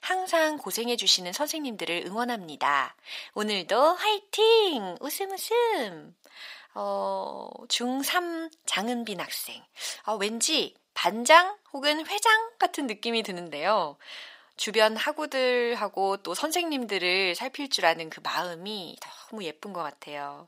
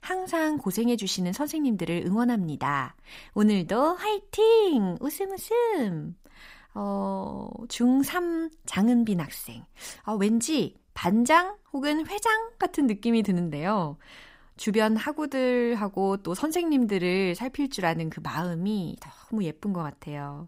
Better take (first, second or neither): second